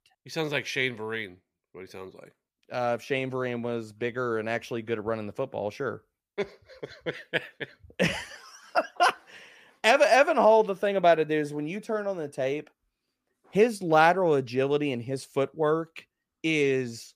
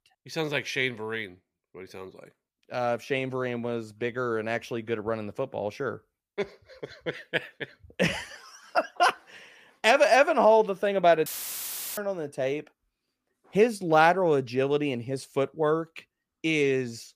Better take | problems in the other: first | audio cutting out; filled with static; at 11 s for 0.5 s

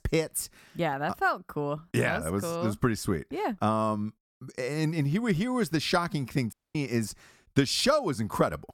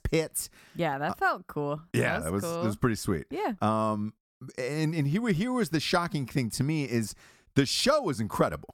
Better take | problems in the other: second | audio cutting out; at 6.5 s

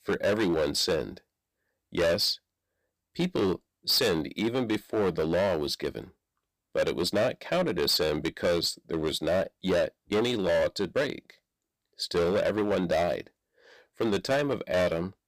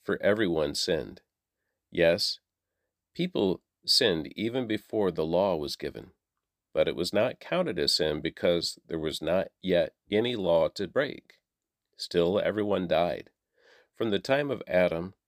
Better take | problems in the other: second | distortion; heavy; 11% of the sound clipped

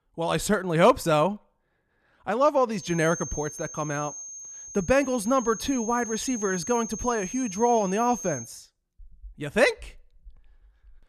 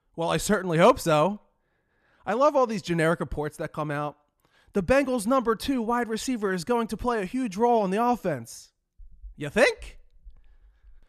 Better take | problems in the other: second | high-pitched whine; noticeable; from 3 to 8.5 s; 6.5 kHz, 10 dB below the speech

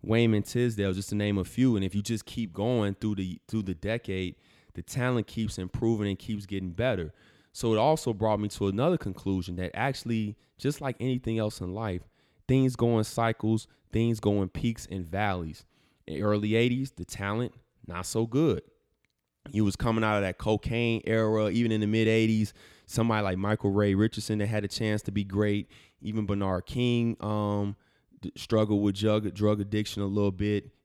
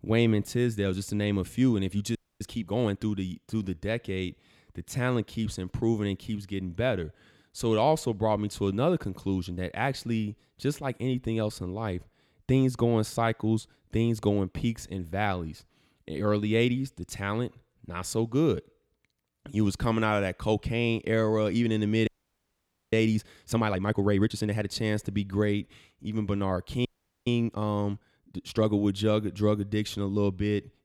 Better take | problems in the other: first | audio freezing; at 2 s, at 22 s for 1 s and at 27 s

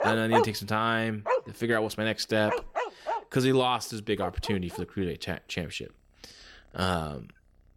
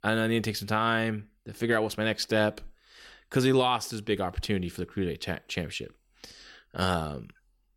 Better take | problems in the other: second | animal sounds; loud; throughout; 3 dB below the speech

